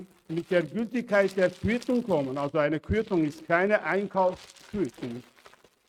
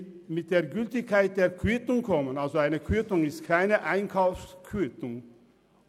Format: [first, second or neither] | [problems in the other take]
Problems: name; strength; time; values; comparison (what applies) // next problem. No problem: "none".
second | noise reduction (neural mask model RNNoise)